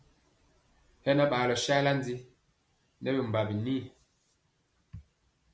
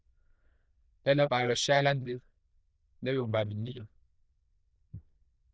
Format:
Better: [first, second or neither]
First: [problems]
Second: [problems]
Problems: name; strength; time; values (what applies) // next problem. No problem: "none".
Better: first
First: none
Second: noise reduction (neural diffusion model UNIVERSE++)